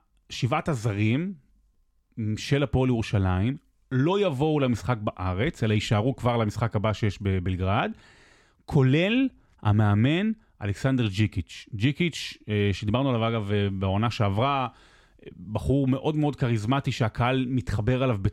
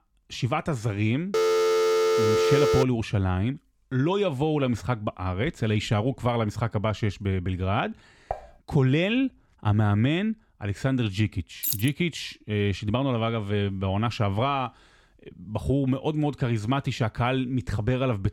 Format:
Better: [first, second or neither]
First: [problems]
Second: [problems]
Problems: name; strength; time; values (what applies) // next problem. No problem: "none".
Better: first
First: none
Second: phone ringing; loud; from 1.5 to 3 s; peak 5 dB above the speech // clattering dishes; faint; at 8.5 s; peak 10 dB below the speech // jangling keys; noticeable; at 12 s; peak 1 dB below the speech